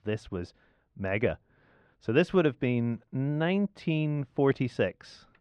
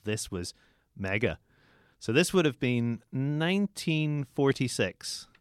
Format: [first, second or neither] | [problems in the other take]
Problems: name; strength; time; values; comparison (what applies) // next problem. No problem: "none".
second | muffled; very; fading above 2.5 kHz